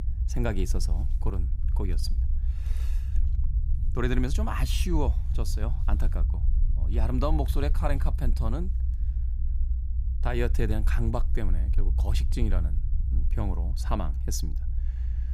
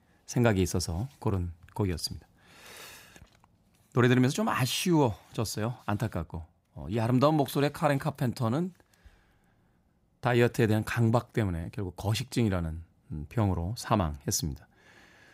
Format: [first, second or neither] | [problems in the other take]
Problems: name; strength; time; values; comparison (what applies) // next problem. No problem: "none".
second | low rumble; noticeable; throughout; 15 dB below the speech